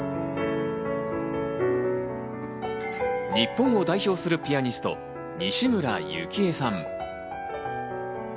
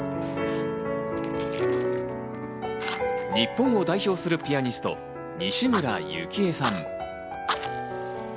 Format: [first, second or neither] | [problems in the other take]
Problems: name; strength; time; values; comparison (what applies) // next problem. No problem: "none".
first | background sound (Fire); 13 dB below the speech